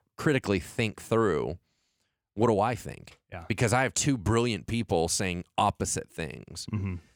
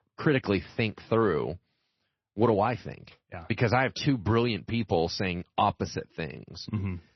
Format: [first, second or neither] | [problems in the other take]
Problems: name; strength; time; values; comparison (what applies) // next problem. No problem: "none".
first | garbled, watery; slightly; nothing above 6 kHz